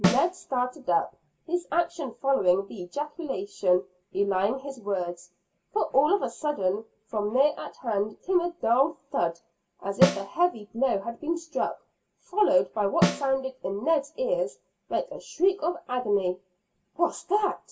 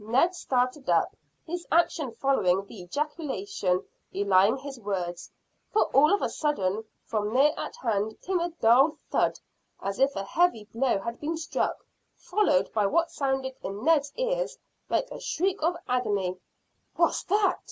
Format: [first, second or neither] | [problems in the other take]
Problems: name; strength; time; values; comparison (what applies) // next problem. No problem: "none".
second | background sound (Snare drum); 6 dB below the speech // room echo; dies away in 0.2 s